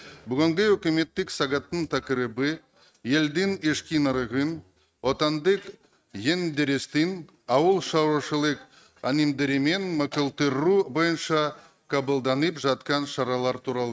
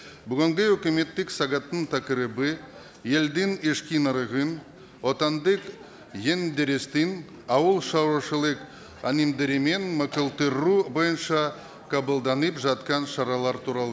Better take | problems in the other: second | noise reduction (neural mask model RNNoise)

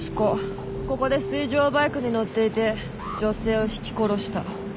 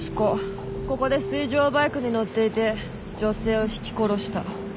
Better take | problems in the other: second | background sound (Strum + Alarm); 16 dB below the speech

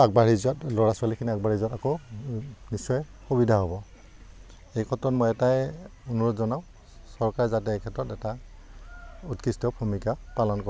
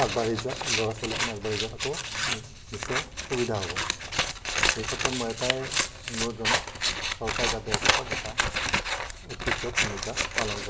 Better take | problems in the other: first | background sound (Scissors); 4 dB above the speech // room echo; dies away in 2 s

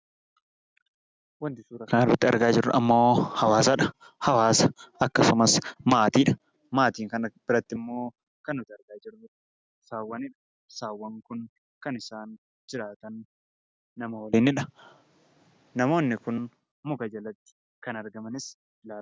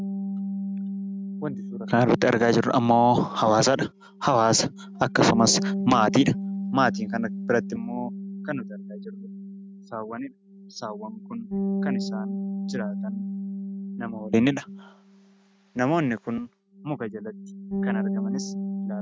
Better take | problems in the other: first | noise reduction (neural mask model RNNoise)

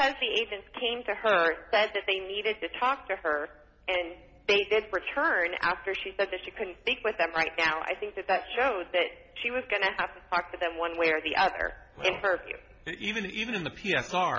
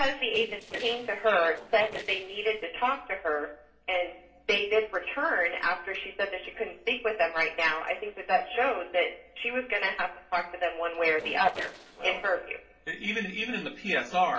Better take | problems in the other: first | noise reduction (neural separator model SepFormer DNS4)

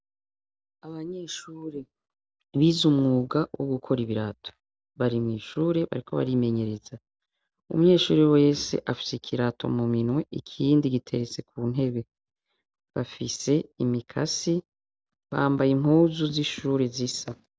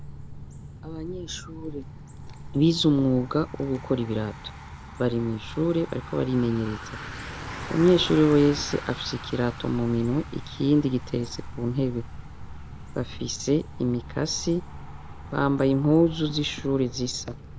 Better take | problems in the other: first | background sound (Bicycle); 12 dB below the speech

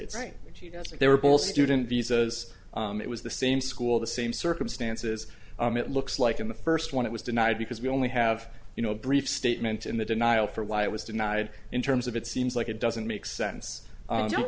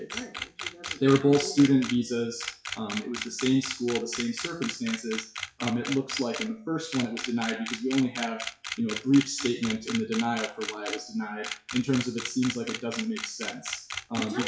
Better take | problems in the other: first | noise reduction (classical method WPE with log-MMSE)

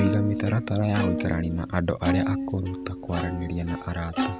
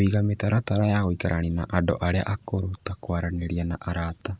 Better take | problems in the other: second | background sound (Plucked string instrument); 3 dB below the speech

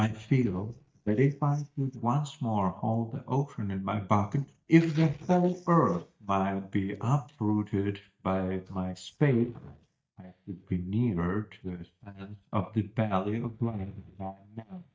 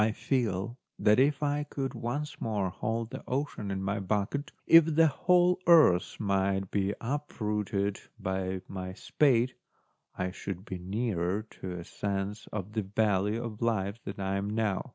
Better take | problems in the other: second | noise reduction (neural mask model DeepFilterNet 3)

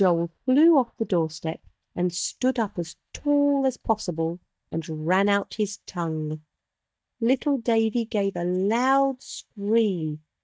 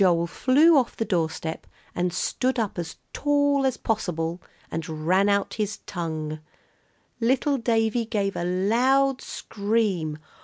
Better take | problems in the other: second | noise reduction (neural mask model DeepFilterNet 3)

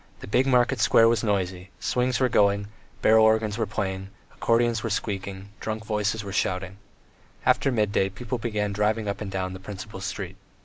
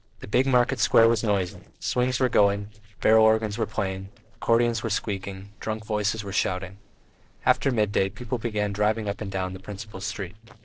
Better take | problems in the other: first | noise reduction (neural separator model SepFormer DNS4)

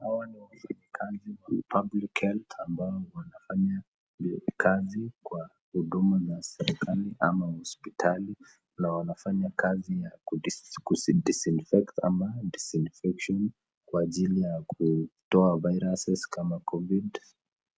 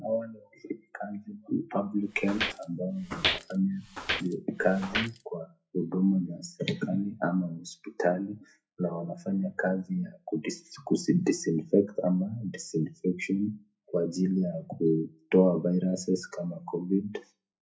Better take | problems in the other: first | noise reduction (classical method WPE with log-MMSE)

